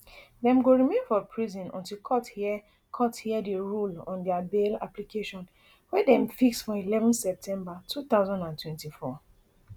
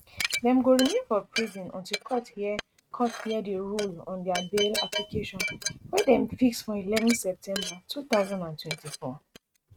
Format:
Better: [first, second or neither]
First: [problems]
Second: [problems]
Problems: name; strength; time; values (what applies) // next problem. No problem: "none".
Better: first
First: none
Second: noise reduction (neural mask model RNNoise)